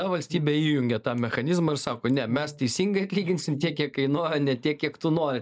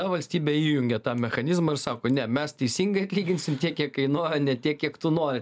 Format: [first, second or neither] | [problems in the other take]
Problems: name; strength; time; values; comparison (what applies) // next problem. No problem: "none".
second | noise reduction (neural mask model Resemble Enhance denoiser)